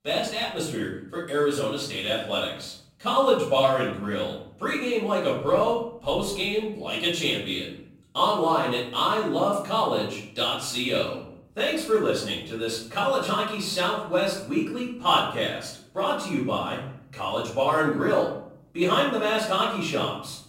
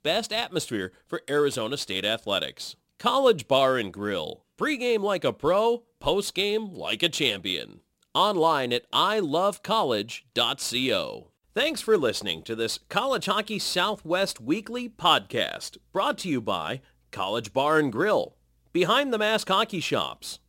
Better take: second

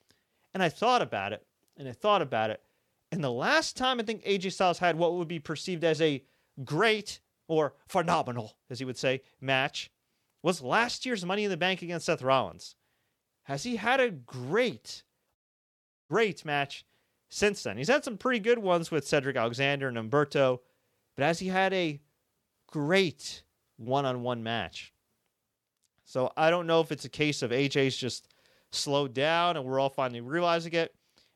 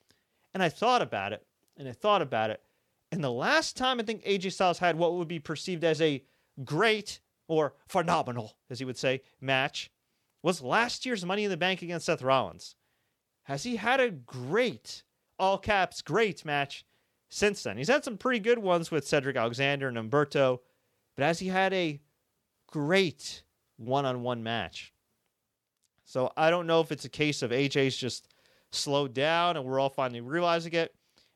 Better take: second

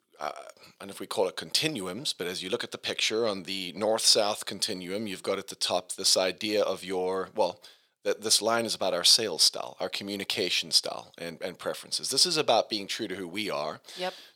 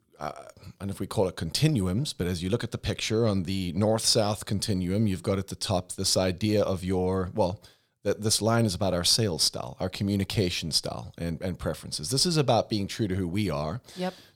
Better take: second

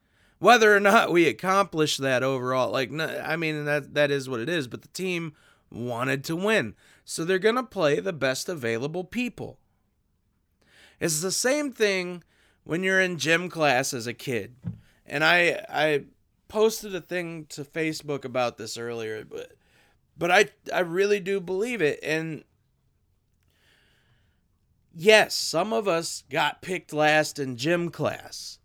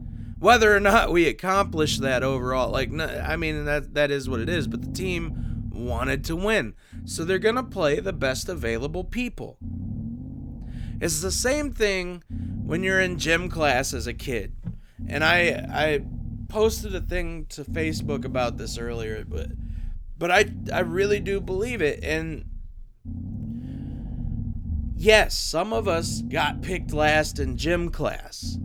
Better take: first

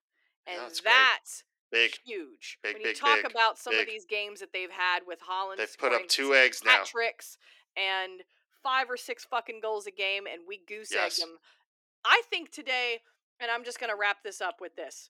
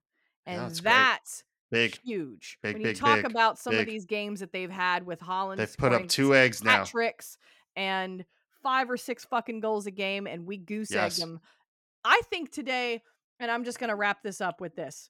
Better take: second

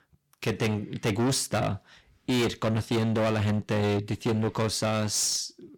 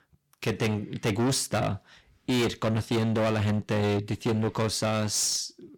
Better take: neither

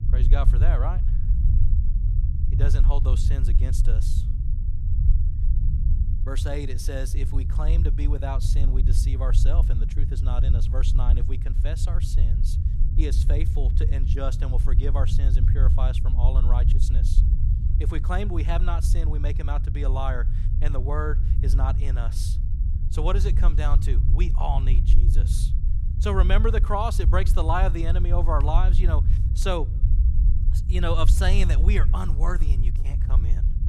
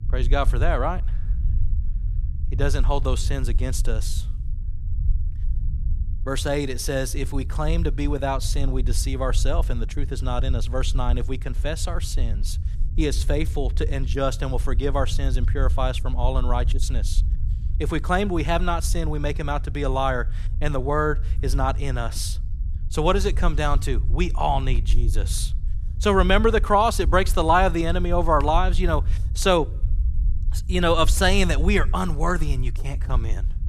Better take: second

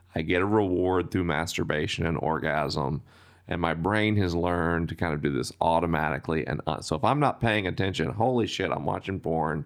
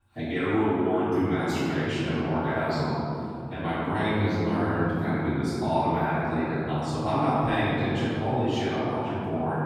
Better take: first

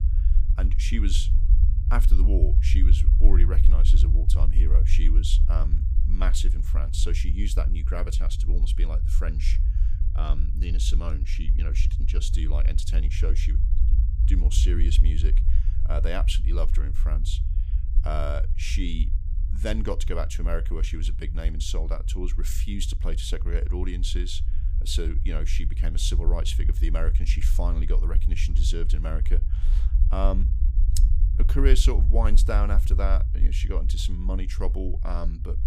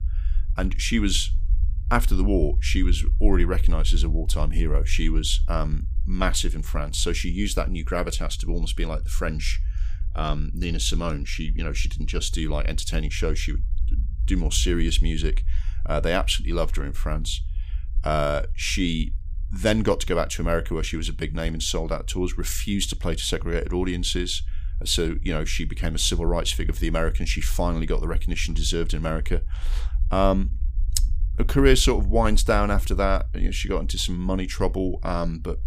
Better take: second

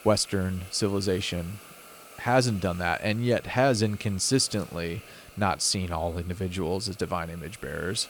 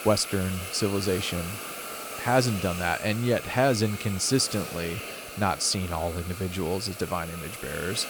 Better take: first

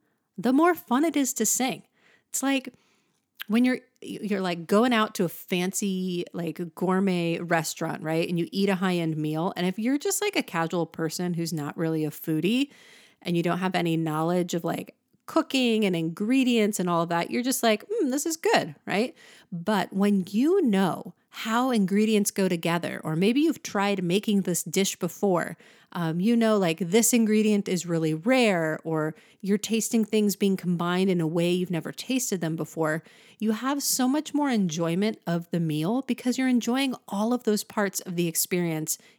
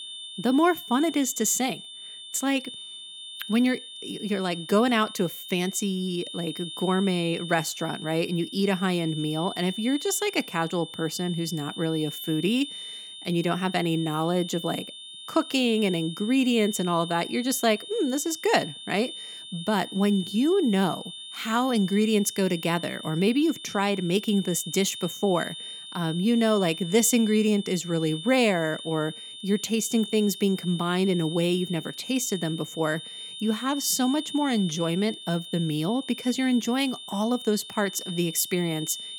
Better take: first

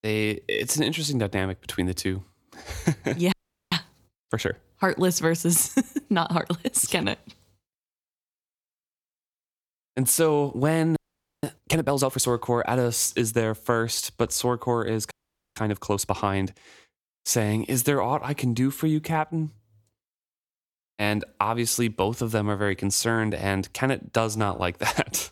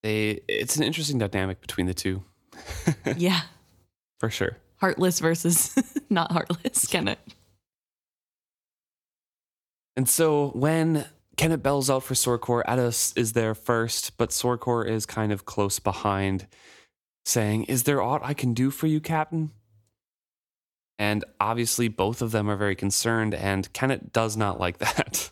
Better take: second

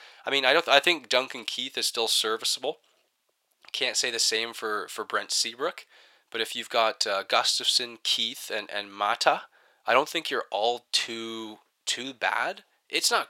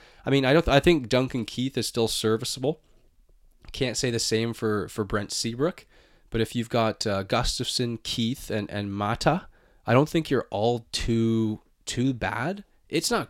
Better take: second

